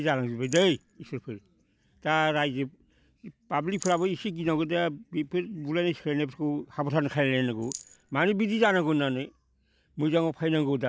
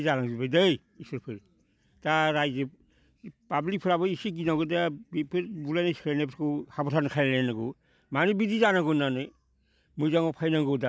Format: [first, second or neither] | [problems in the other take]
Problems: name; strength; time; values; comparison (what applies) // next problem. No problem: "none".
second | background sound (Rattle); 17 dB below the speech